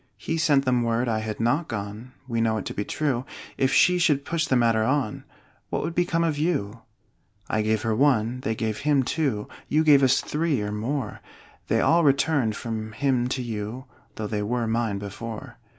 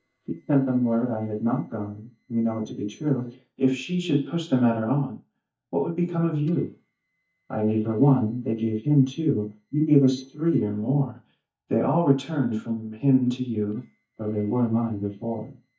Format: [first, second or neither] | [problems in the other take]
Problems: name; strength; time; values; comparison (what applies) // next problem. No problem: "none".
first | noise reduction (neural mask model DeepFilterNet 3)